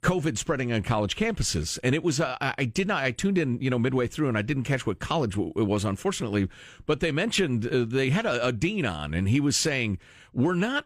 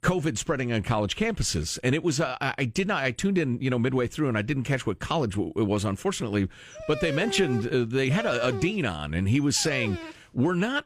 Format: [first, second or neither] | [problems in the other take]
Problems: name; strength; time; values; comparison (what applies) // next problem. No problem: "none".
first | dog barking; noticeable; from 6.5 to 10 s; peak 6 dB below the speech